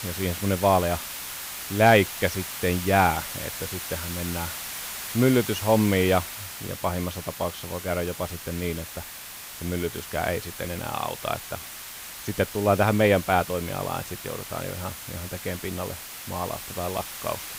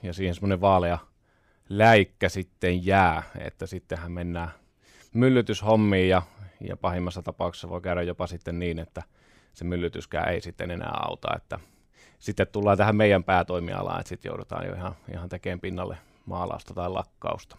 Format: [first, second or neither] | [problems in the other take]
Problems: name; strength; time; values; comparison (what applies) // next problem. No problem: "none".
second | hiss; loud; throughout; 8 dB below the speech